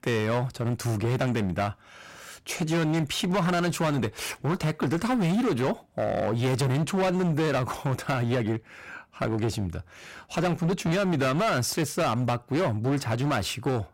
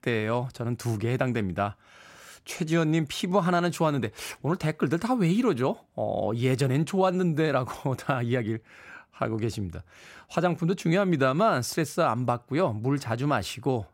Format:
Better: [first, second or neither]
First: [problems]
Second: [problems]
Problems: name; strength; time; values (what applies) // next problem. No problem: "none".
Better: second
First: distortion; heavy; 19% of the sound clipped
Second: none